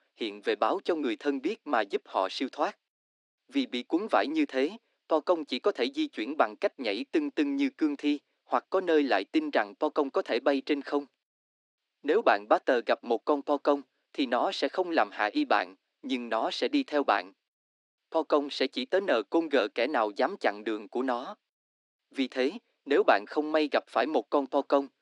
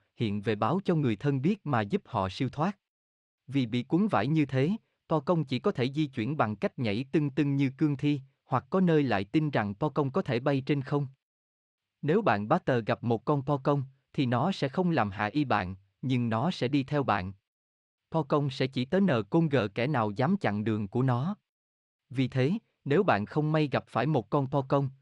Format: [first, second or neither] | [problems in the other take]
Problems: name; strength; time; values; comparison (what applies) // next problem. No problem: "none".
second | thin; somewhat; fading below 250 Hz